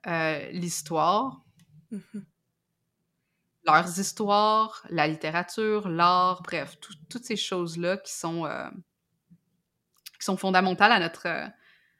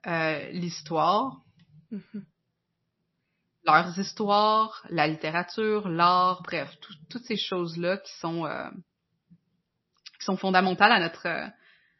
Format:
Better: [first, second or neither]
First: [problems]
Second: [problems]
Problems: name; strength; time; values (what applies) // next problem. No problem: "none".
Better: first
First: none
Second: garbled, watery; slightly; nothing above 5.5 kHz